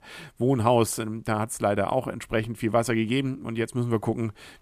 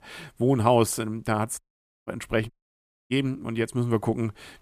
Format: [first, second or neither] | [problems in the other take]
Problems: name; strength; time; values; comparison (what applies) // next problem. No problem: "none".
first | audio cutting out; at 1.5 s and at 2.5 s for 0.5 s